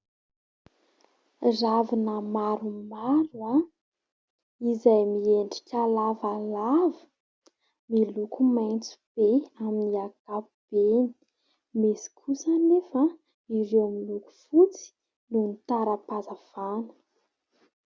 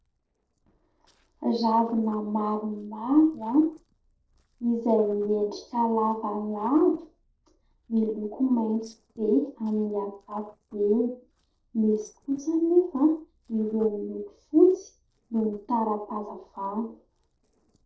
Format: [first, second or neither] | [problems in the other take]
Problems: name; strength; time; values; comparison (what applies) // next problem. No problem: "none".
first | noise reduction (neural separator model SepFormer DNS4)